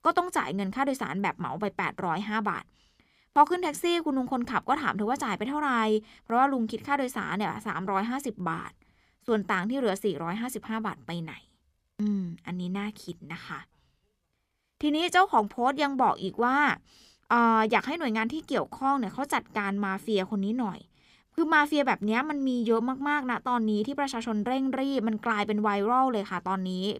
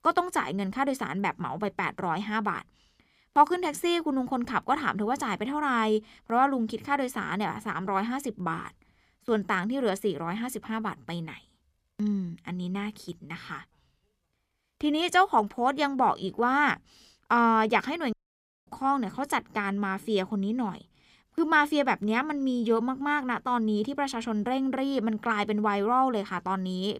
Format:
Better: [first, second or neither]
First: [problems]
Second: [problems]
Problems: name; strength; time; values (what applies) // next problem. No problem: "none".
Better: first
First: none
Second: audio cutting out; at 18 s for 0.5 s